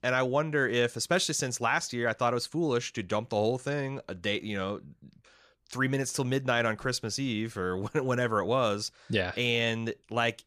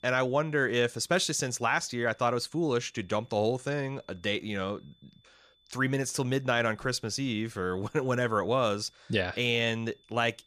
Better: first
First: none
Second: high-pitched whine; faint; throughout; 3.5 kHz, 35 dB below the speech

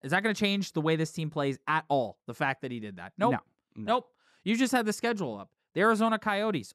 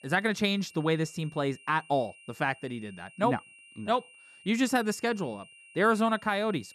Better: first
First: none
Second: high-pitched whine; faint; throughout; 3 kHz, 25 dB below the speech

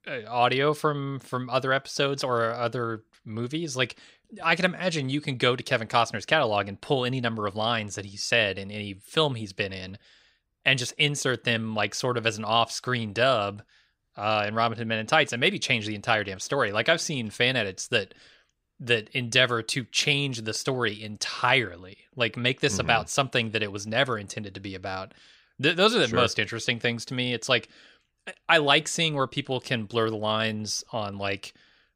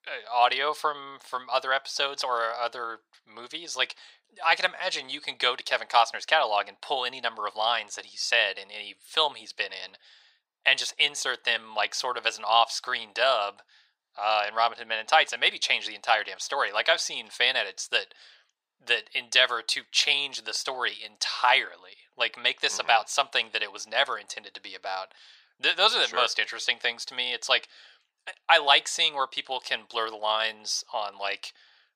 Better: first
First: none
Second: thin; very; fading below 750 Hz

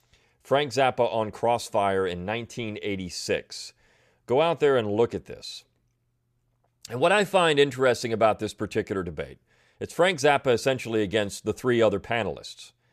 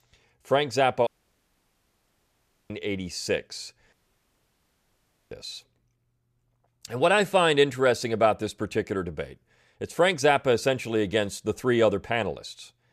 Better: first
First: none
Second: audio cutting out; at 1 s for 1.5 s and at 4 s for 1.5 s

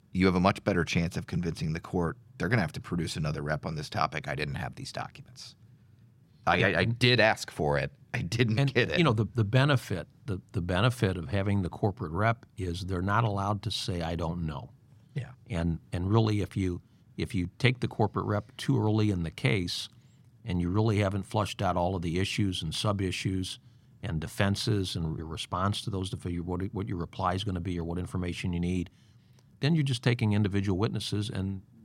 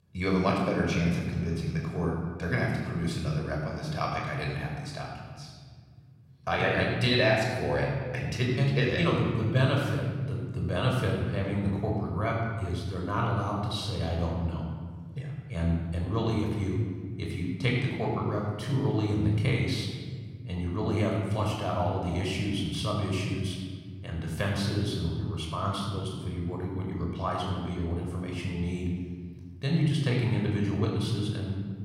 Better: first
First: none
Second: off-mic speech; somewhat distant // room echo; noticeable; dies away in 1.6 s

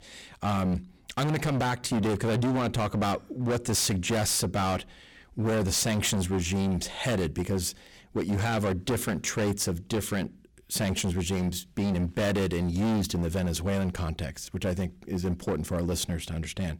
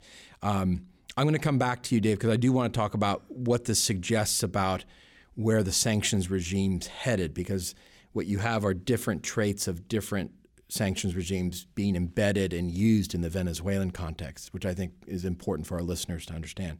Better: second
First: distortion; heavy; 20% of the sound clipped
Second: none

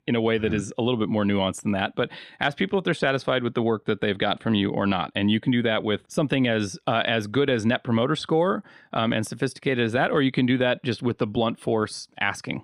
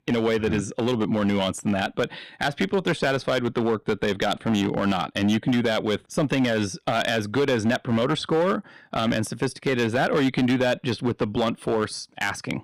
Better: first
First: none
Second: distortion; slight; 8% of the sound clipped

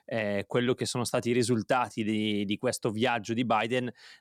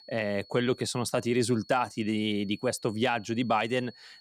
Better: first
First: none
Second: high-pitched whine; faint; throughout; 4.5 kHz, 25 dB below the speech

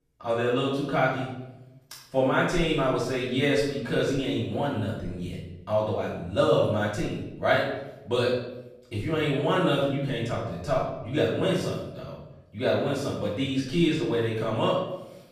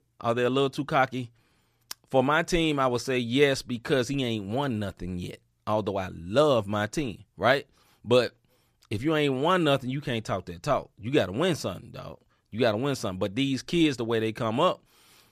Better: second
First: off-mic speech; far // room echo; noticeable; dies away in 0.8 s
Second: none

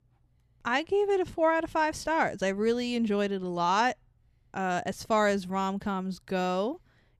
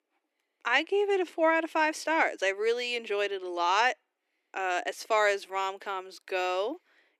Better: first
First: none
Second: thin; very; fading below 300 Hz

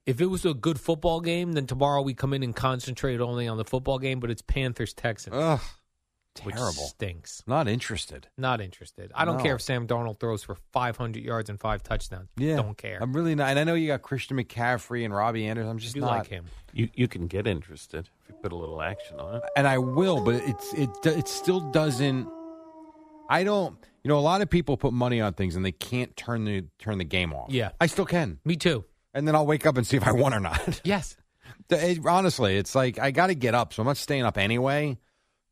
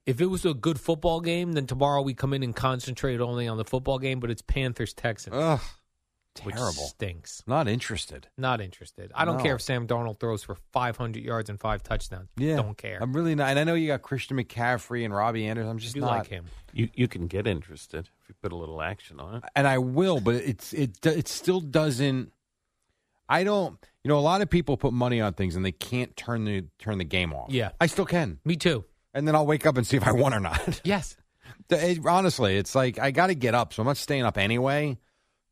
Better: second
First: dog barking; noticeable; from 18 to 23 s; peak 8 dB below the speech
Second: none

